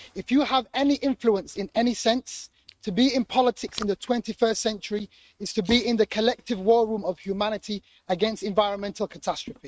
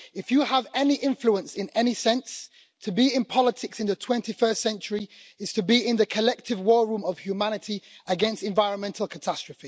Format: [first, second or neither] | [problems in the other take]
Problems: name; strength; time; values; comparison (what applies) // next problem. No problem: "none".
second | noise reduction (neural mask model RNNoise)